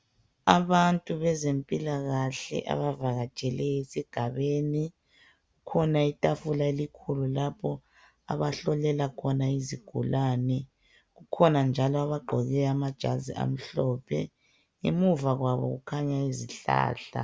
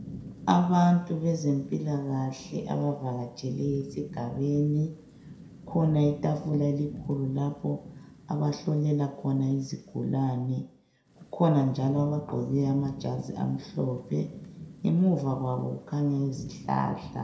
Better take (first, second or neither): first